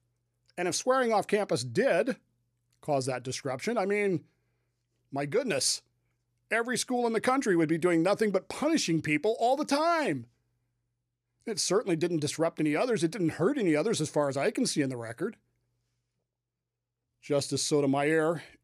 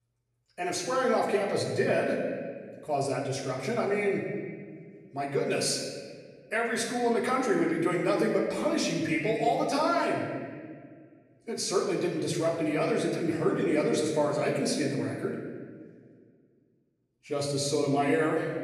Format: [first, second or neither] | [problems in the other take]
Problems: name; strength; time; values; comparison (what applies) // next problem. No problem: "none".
first | off-mic speech; far // room echo; noticeable; dies away in 1.5 s